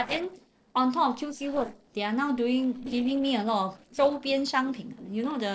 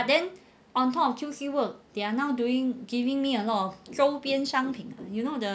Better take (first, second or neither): second